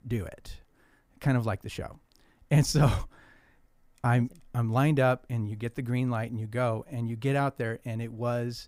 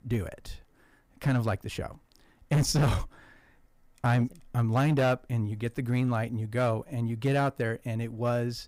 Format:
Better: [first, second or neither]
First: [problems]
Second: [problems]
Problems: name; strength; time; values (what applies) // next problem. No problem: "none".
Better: first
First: none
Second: distortion; slight; 5% of the sound clipped